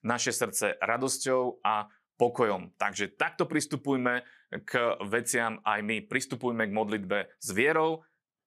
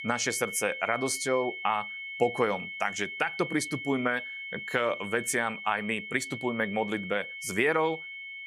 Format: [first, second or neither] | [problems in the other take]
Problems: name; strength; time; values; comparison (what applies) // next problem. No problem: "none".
first | high-pitched whine; loud; throughout; 2 kHz, 8 dB below the speech